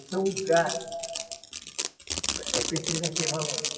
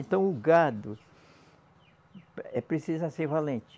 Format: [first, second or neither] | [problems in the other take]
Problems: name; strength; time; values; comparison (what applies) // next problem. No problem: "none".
second | noise reduction (classical method WPE with log-MMSE)